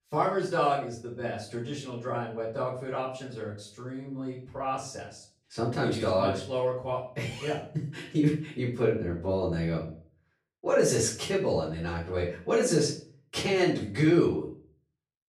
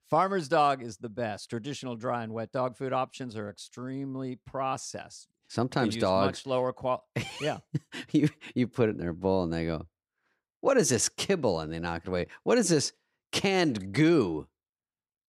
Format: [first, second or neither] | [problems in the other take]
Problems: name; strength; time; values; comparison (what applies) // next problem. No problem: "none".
second | off-mic speech; far // room echo; noticeable; dies away in 0.4 s